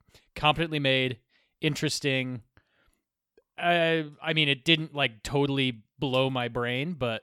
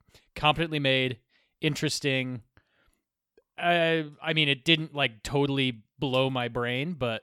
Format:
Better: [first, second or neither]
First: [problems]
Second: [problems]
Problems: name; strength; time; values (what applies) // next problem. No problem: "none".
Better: neither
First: none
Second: none